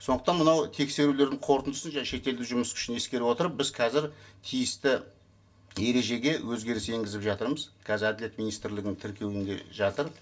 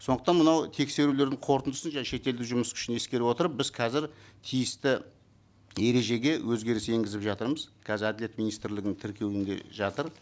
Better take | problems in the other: second | room echo; dies away in 0.1 s

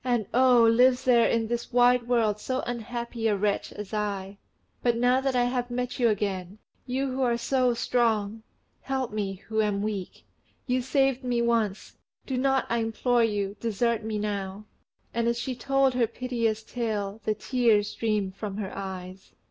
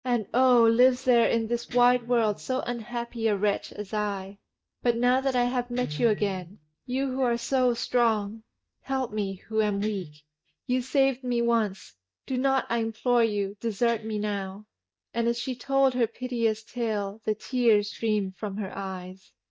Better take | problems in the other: first | noise reduction (neural mask model DeepFilterNet 3)

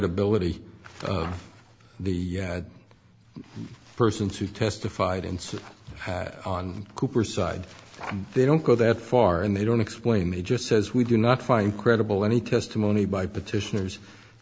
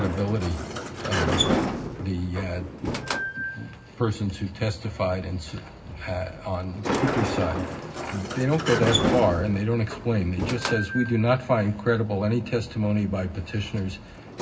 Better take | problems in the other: first | background sound (Sliding door); 4 dB below the speech // room echo; dies away in 0.4 s

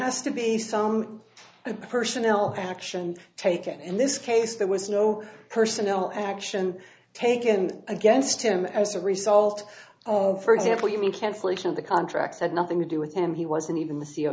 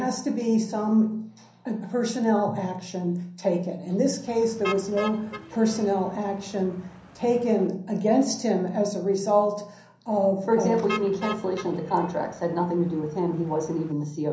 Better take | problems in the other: first | background sound (Motor vehicle (road)); 14 dB below the speech // room echo; dies away in 0.6 s

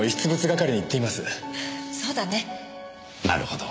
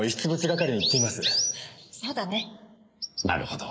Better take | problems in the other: first | noise reduction (neural mask model Resemble Enhance denoiser)

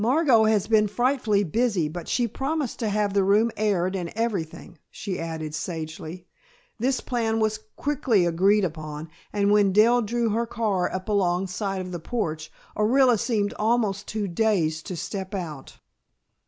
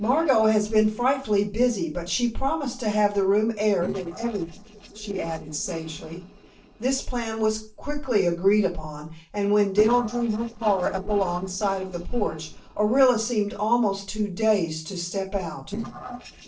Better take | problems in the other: first | noise reduction (neural separator model SepFormer DNS4)

